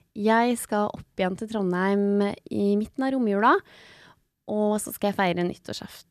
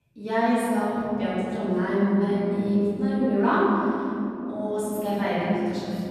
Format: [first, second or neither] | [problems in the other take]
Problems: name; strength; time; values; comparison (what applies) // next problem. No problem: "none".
first | room echo; strong; dies away in 3 s // off-mic speech; far